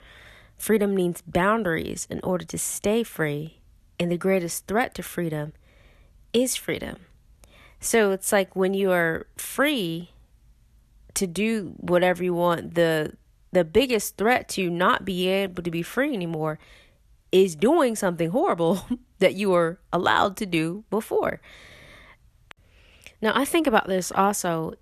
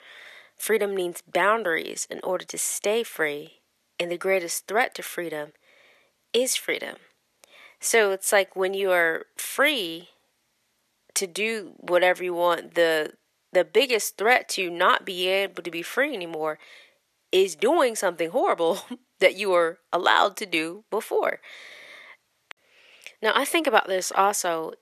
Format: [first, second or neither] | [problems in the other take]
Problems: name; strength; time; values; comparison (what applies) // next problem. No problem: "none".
first | thin; somewhat; fading below 450 Hz